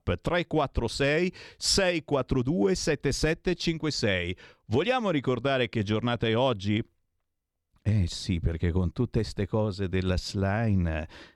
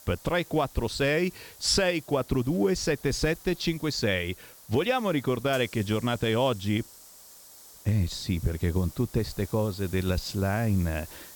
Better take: first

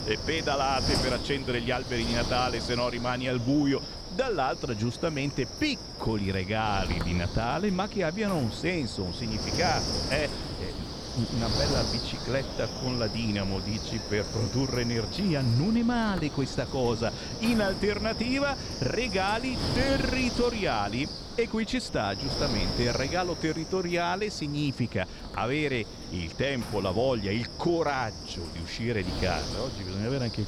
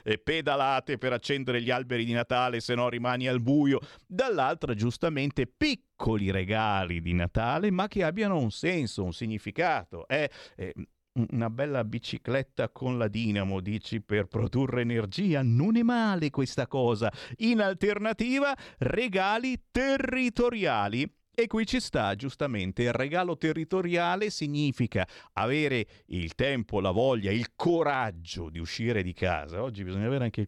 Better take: second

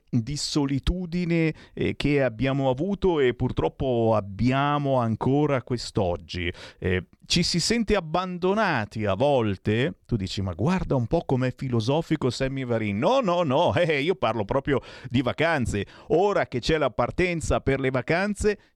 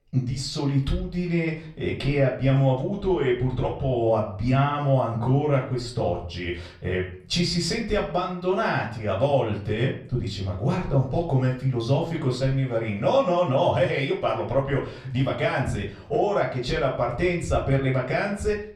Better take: first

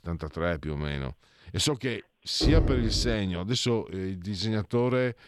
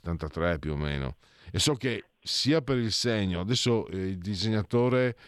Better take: second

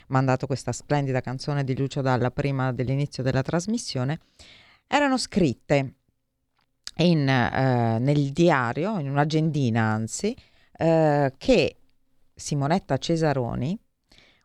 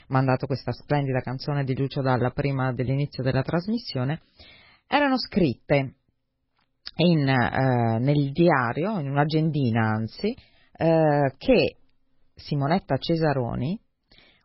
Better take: first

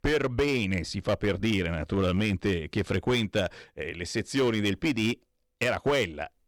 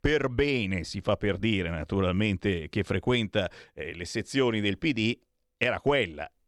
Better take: second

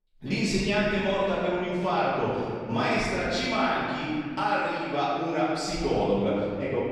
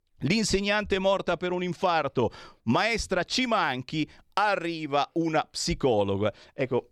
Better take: second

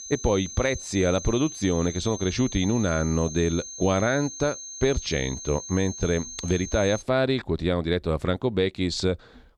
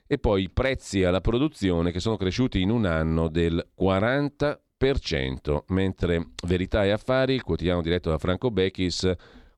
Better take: second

